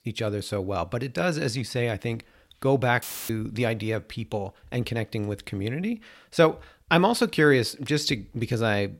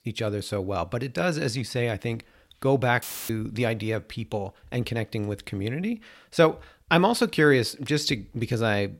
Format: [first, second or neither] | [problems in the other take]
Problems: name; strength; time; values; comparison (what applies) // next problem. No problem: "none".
neither | audio cutting out; filled with static; at 3 s; the same in both